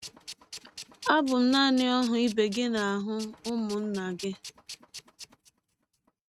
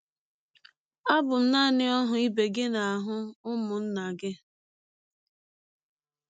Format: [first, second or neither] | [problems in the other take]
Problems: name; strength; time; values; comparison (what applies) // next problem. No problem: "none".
second | noise reduction (neural mask model RNNoise)